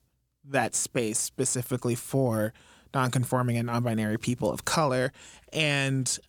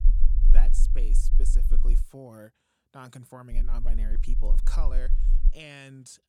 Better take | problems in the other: first | low rumble; loud; until 2 s and from 3.5 to 5.5 s; 9 dB below the speech

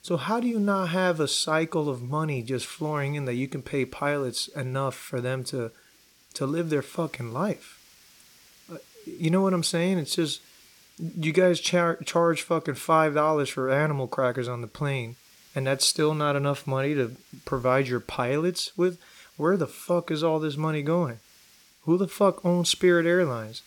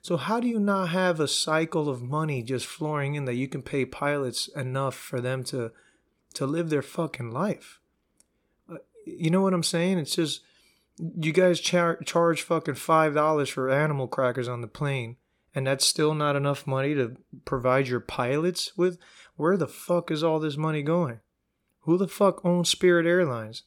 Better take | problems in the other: second | hiss; faint; throughout; 30 dB below the speech

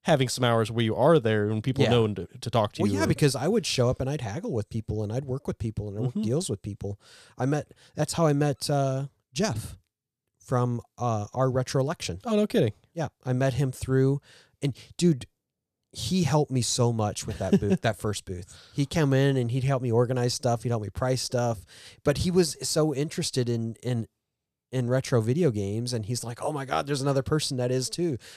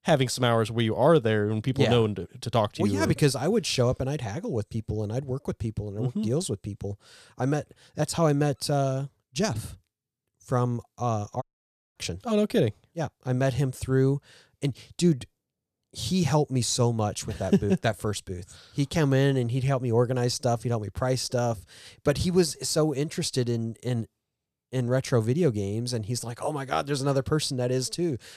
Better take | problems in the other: first | audio cutting out; at 11 s for 0.5 s

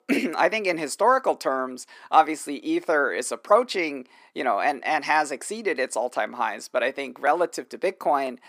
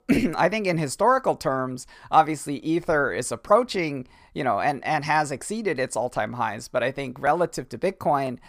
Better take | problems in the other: second | thin; very slightly; fading below 250 Hz

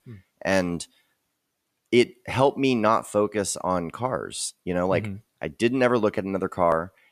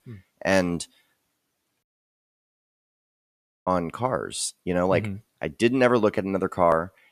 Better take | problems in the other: first | audio cutting out; at 2 s for 2 s

